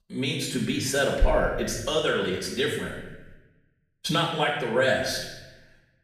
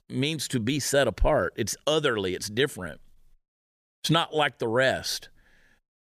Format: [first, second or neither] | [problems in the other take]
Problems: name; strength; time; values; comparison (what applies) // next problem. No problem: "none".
second | off-mic speech; far // room echo; noticeable; dies away in 0.9 s